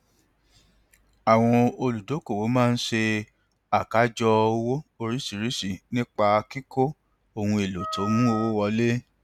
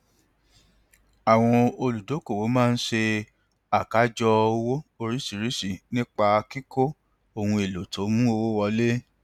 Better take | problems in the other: second | background sound (Wind instrument, woodwind instrument); 10 dB below the speech

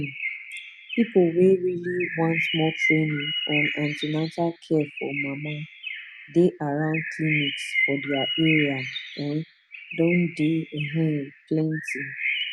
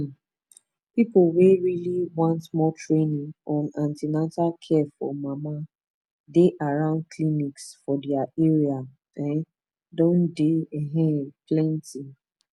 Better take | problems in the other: second | background sound (Bird); 6 dB below the speech

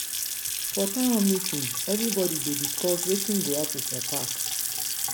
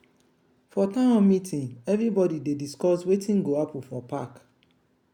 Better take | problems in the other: second | background sound (Sink (filling or washing) / Water tap, faucet / Splash, splatter); as loud as the speech

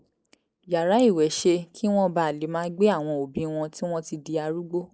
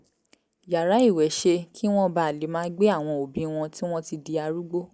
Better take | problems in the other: second | noise reduction (neural mask model Resemble Enhance denoiser)

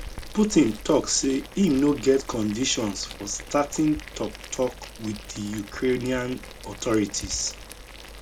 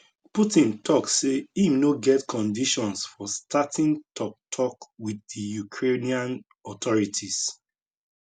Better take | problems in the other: second | background sound (Boiling); 14 dB below the speech

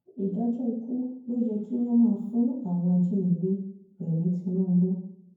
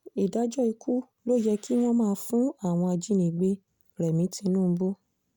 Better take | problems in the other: second | room echo; dies away in 0.9 s

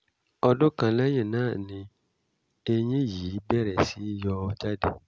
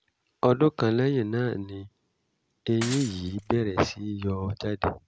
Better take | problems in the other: first | background sound (Shatter / Crushing); 13 dB below the speech

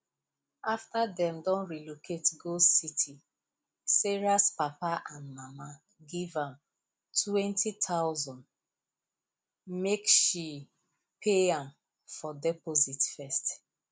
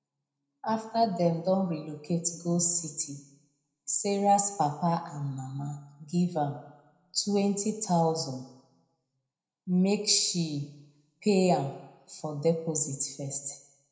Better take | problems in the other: first | room echo; dies away in 0.6 s

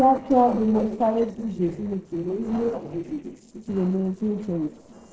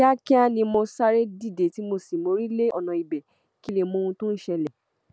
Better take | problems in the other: second | noise reduction (neural separator model SepFormer DNS4)

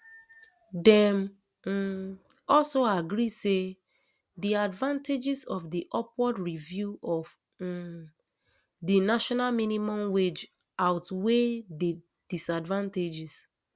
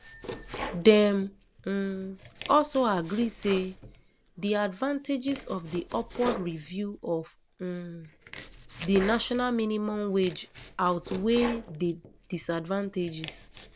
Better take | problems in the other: first | background sound (Domestic sounds, home sounds); 14 dB below the speech

